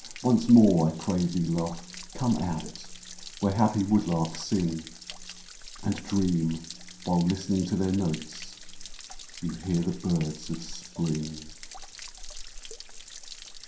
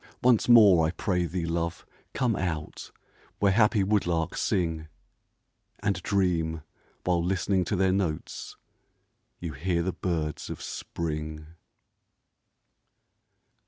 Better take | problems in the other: second | background sound (Stream / Trickle, dribble / Splash, splatter); 13 dB below the speech // room echo; dies away in 0.5 s

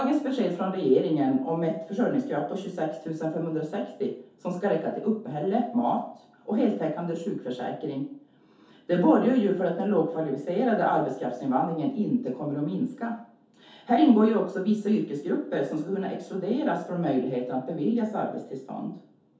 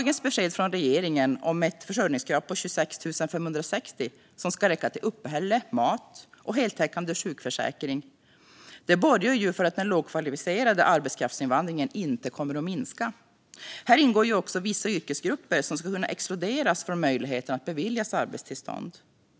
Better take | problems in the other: second | room echo; dies away in 0.5 s

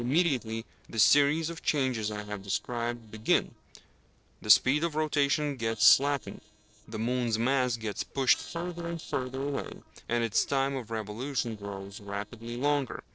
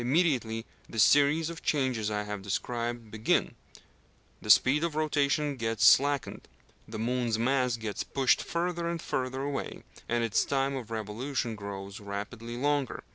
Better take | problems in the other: second | noise reduction (neural separator model SepFormer DNS4)

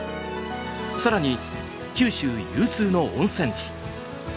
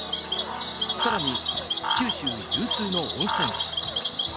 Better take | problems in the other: first | background sound (Cricket / Frog); 5 dB above the speech

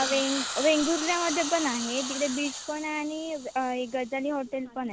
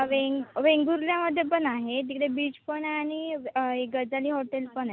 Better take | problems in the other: second | background sound (Hiss); 7 dB below the speech

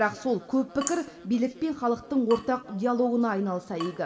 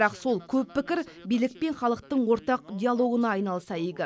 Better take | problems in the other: second | background sound (Drip / Water tap, faucet); 17 dB below the speech // room echo; dies away in 2.3 s

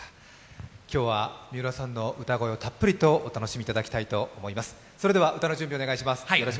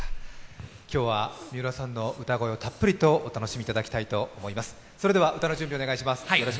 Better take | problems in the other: first | background sound (Breathing); 14 dB below the speech

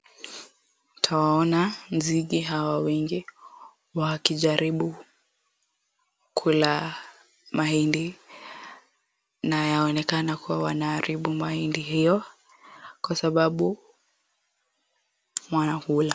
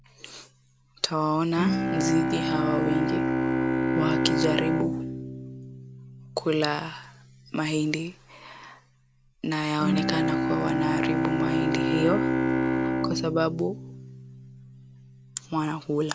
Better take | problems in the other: first | background sound (Bowed string instrument); 1 dB above the speech

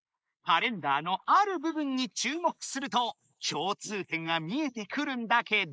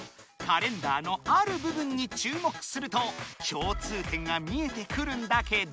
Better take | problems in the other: second | noise reduction (neural mask model Resemble Enhance denoiser)

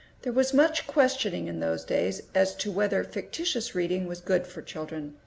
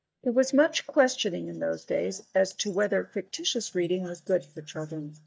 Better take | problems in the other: first | noise reduction (neural mask model DeepFilterNet 3)

